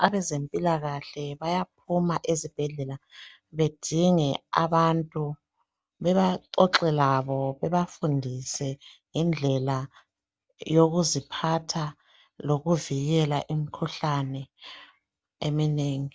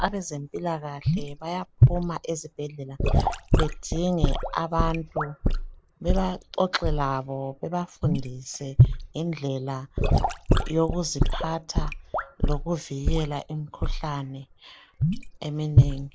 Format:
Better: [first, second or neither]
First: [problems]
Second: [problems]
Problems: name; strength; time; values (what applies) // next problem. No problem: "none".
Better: first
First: none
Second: background sound (Sink (filling or washing) / Gurgling / Liquid); 5 dB above the speech